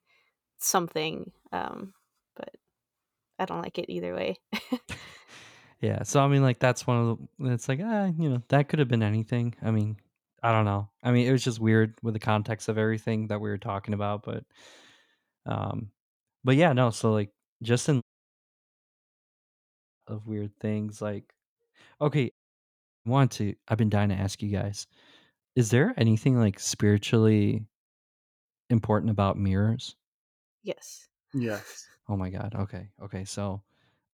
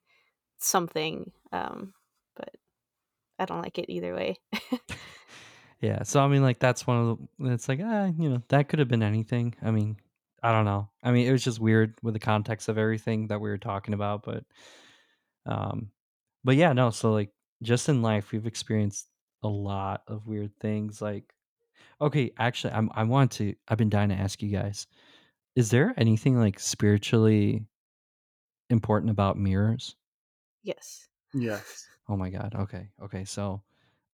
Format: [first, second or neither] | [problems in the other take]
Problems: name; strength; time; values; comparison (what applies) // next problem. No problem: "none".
second | audio cutting out; at 18 s for 2 s and at 22 s for 0.5 s